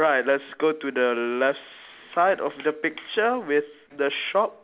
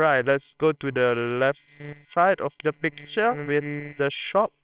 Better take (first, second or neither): first